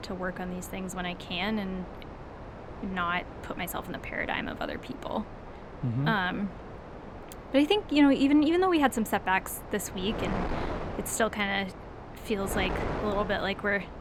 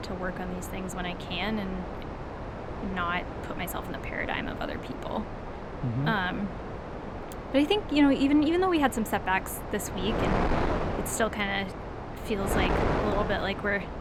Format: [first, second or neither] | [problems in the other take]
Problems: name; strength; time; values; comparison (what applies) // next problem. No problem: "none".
first | wind noise on the microphone; heavy; 5 dB below the speech; occasional gusts in the first